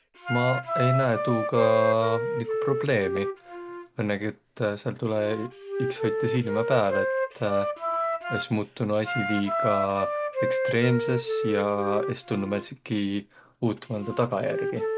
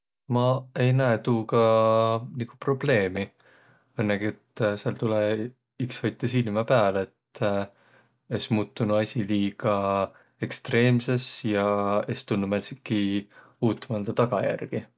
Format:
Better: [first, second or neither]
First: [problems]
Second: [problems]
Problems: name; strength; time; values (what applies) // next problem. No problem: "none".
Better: second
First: background sound (Wind instrument, woodwind instrument); 3 dB below the speech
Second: none